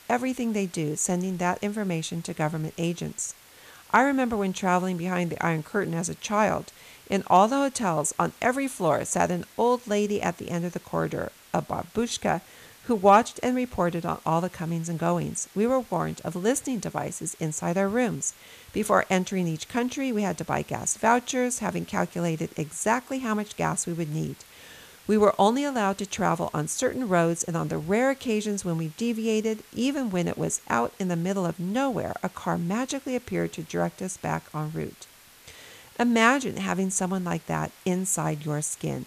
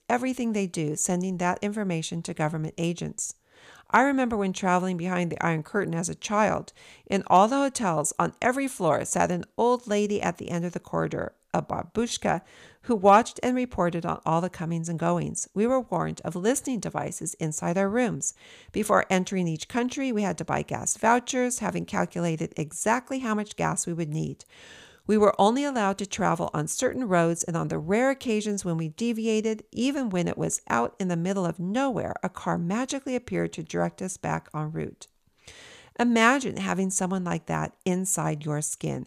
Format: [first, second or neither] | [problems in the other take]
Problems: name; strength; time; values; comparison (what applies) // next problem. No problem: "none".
second | hiss; faint; throughout; 25 dB below the speech